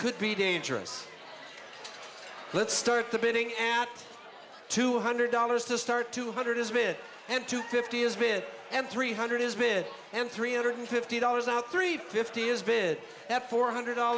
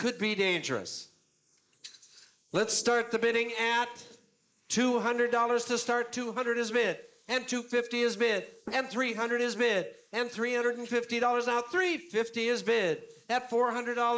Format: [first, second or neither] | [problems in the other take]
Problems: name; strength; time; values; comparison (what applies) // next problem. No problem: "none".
first | noise reduction (neural mask model Resemble Enhance denoiser)